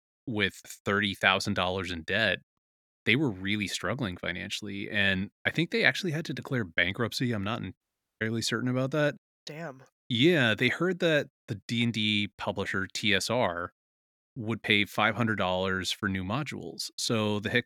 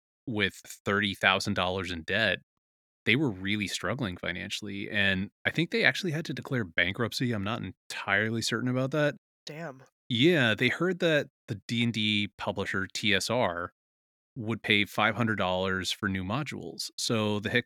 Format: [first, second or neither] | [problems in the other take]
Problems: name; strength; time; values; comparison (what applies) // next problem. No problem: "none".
second | audio cutting out; at 8 s